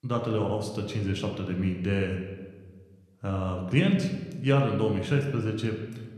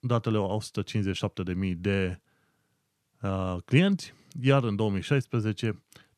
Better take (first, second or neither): second